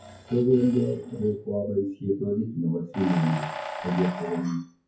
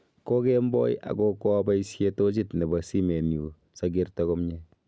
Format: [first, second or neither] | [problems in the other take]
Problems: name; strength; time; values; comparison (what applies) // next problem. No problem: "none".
second | noise reduction (classical method WPE with log-MMSE)